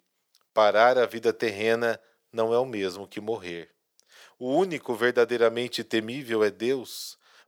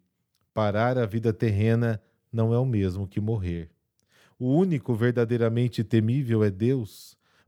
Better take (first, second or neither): second